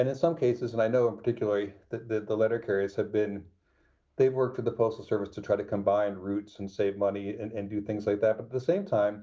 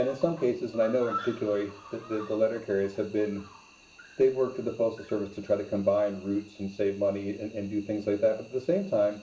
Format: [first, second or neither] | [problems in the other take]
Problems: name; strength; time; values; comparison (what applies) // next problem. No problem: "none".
first | background sound (Cricket); 18 dB below the speech // room echo; dies away in 0.4 s